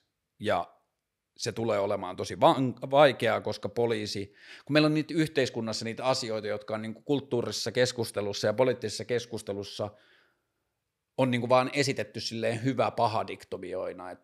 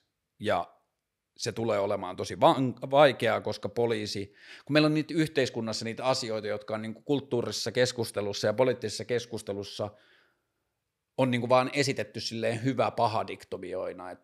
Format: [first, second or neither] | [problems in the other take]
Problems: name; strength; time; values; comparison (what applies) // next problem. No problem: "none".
neither | none